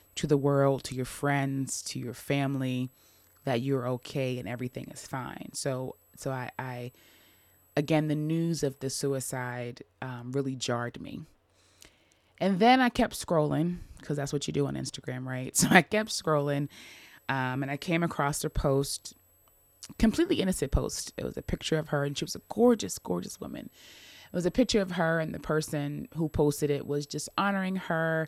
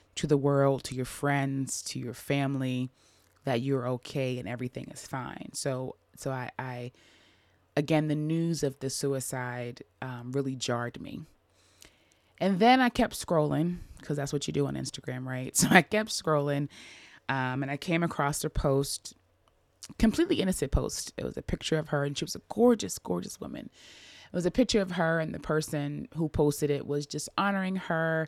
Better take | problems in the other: second | high-pitched whine; faint; until 9.5 s and from 16 s on; 11.5 kHz, 30 dB below the speech

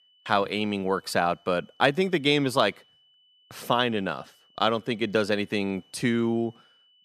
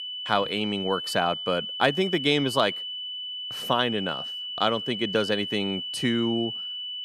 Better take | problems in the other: first | high-pitched whine; loud; throughout; 3 kHz, 5 dB below the speech; faint in the first

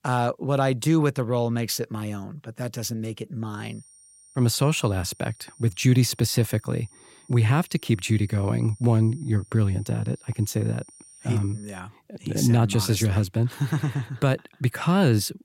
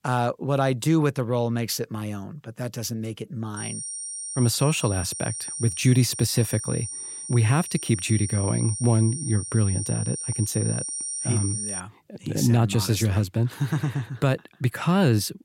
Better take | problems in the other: first | high-pitched whine; loud; from 3.5 to 12 s; 9 kHz, 6 dB below the speech; faint in the first

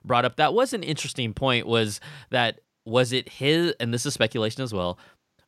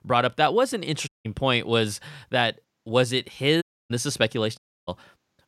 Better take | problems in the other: first | audio cutting out; at 1 s, at 3.5 s and at 4.5 s

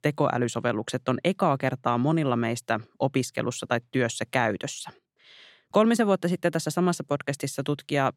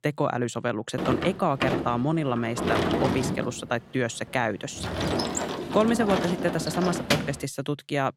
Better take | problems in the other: first | door banging; loud; from 1 to 7.5 s; peak 3 dB above the speech

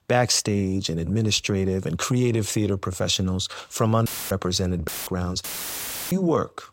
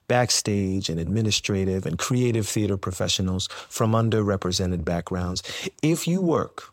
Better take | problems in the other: second | audio cutting out; filled with static; at 4 s, at 5 s and at 5.5 s for 0.5 s

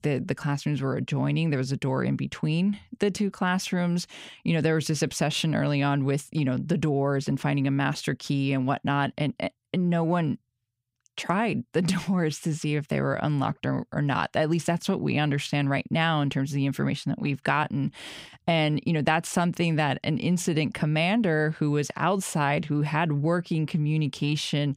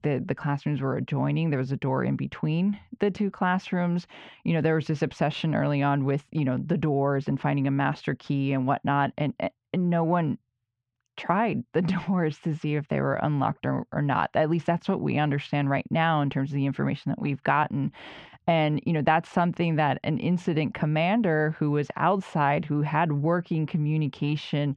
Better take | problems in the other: first | muffled; very; fading above 2.5 kHz

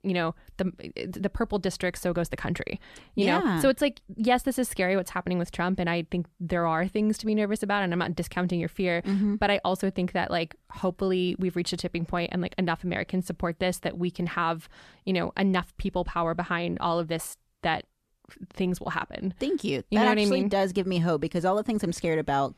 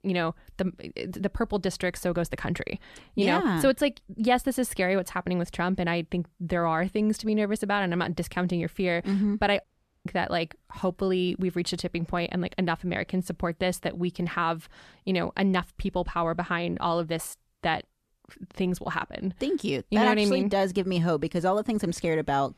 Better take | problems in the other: first | audio cutting out; at 9.5 s

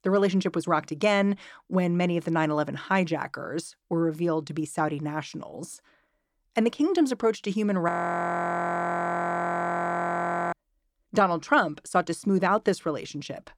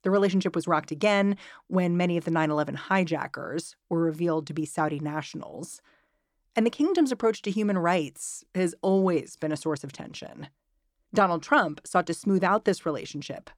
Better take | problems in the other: second | audio freezing; at 8 s for 2.5 s

